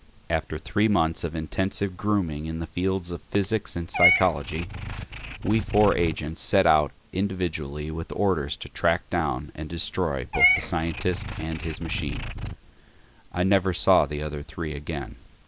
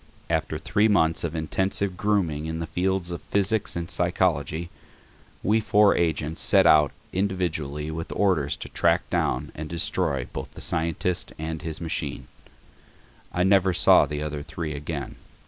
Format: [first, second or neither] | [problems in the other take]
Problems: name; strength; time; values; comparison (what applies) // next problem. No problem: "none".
second | background sound (Meow / Purr); 7 dB below the speech